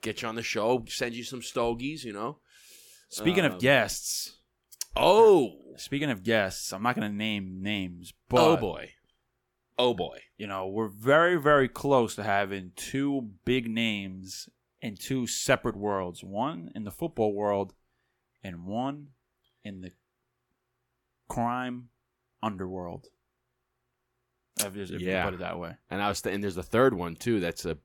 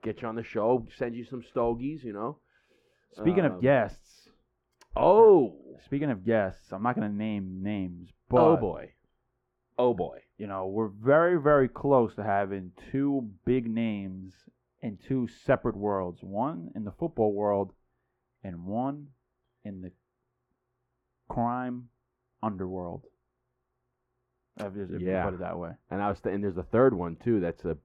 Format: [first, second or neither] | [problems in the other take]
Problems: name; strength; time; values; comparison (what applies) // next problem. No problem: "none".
first | muffled; very; fading above 3 kHz